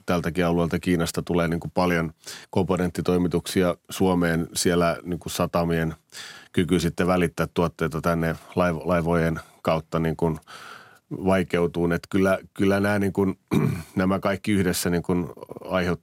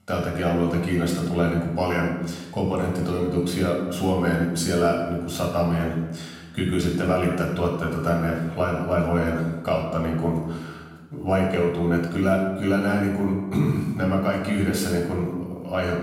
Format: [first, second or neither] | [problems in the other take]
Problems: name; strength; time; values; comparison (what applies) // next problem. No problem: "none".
first | off-mic speech; far // room echo; noticeable; dies away in 1.1 s